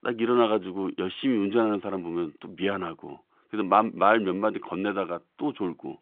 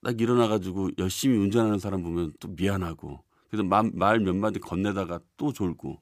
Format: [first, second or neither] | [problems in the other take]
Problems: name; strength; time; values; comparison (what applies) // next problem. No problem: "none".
second | phone-call audio; nothing above 3 kHz